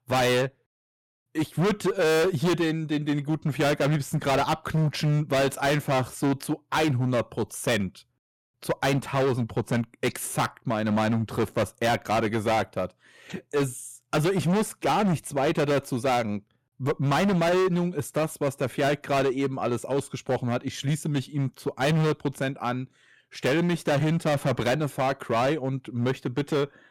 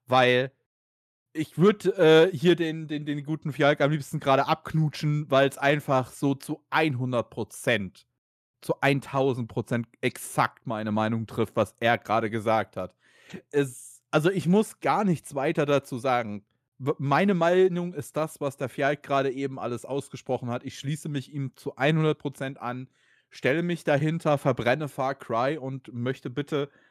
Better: second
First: distortion; heavy; 17% of the sound clipped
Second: none

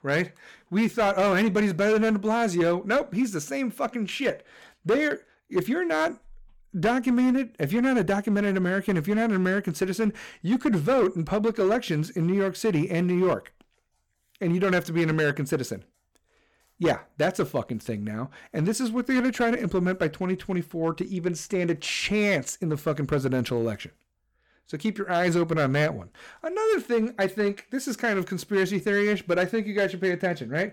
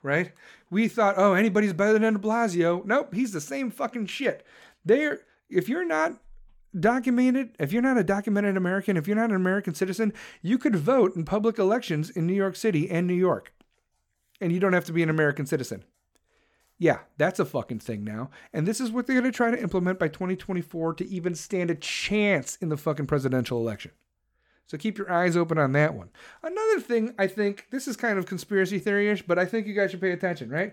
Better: second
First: distortion; slight; 7% of the sound clipped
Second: none

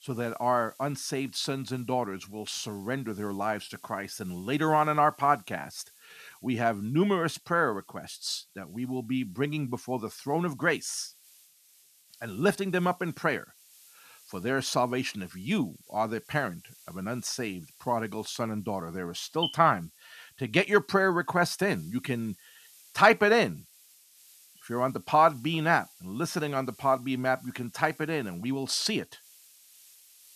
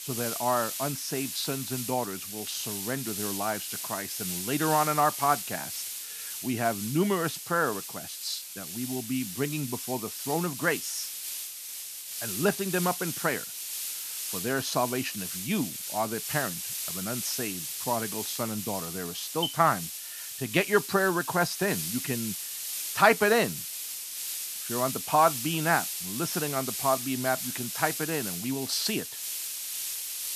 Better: first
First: hiss; faint; throughout; 25 dB below the speech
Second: hiss; loud; throughout; 4 dB below the speech

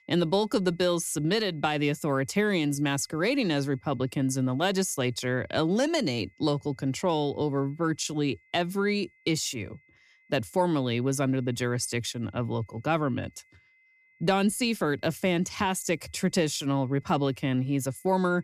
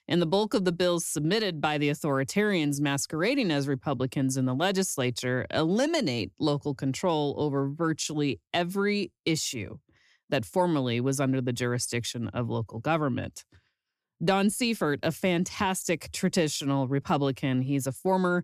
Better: second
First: high-pitched whine; faint; throughout; 2 kHz, 35 dB below the speech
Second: none

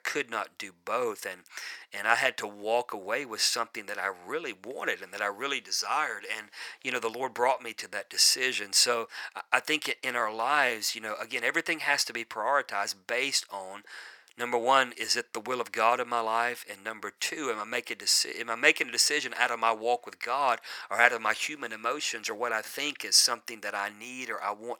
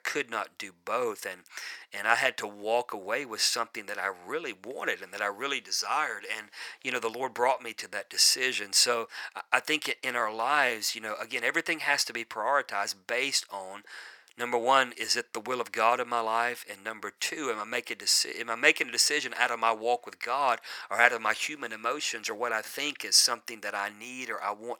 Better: neither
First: thin; very; fading below 700 Hz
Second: thin; very; fading below 700 Hz

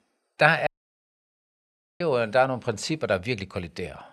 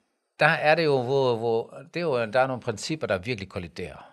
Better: second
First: audio cutting out; at 0.5 s for 1.5 s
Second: none

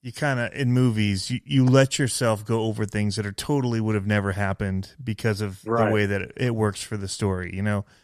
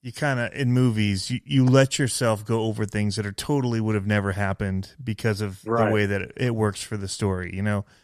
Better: neither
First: none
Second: none

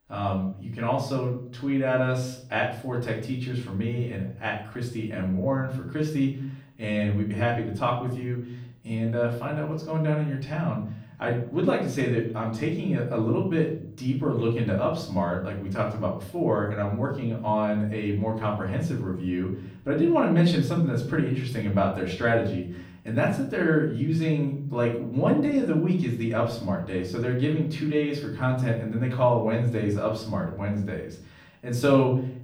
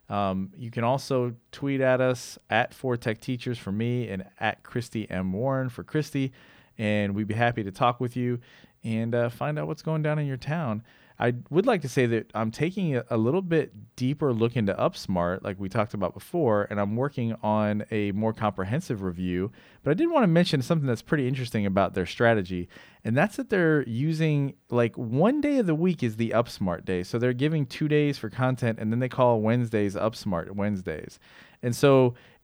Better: second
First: off-mic speech; far // room echo; slight; dies away in 0.5 s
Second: none

